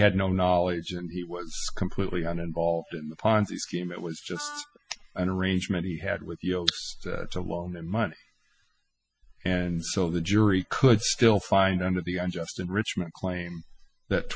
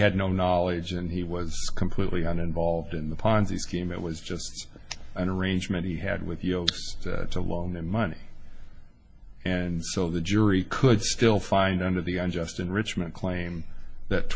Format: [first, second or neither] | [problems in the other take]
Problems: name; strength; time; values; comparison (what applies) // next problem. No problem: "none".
second | noise reduction (classical method spectral subtraction)